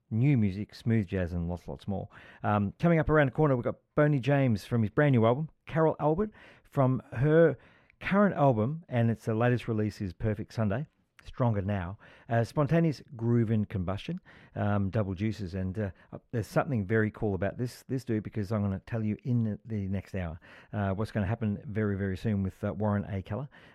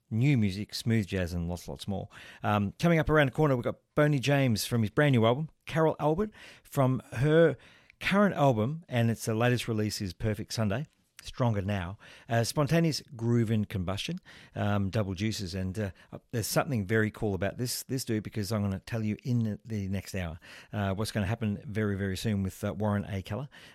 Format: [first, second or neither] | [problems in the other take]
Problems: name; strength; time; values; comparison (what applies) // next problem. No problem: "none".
second | muffled; slightly; fading above 3 kHz